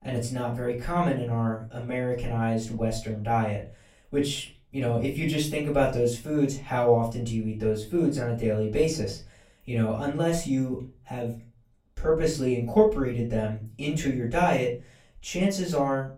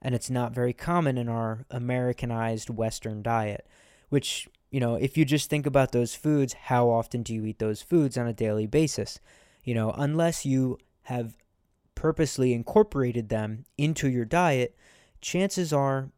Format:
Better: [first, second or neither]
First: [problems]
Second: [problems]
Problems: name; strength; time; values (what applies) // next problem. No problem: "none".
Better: second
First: off-mic speech; far // room echo; slight; dies away in 0.3 s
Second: none